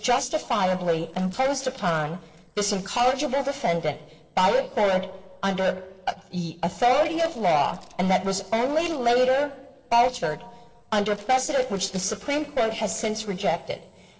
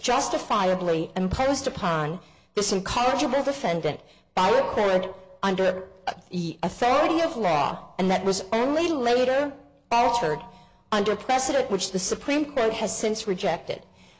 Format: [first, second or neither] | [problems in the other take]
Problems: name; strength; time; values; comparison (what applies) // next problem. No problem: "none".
second | noise reduction (neural separator model SepFormer DNS4)